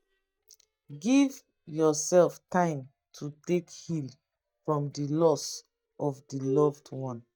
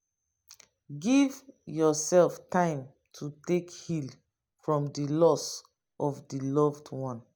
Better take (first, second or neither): second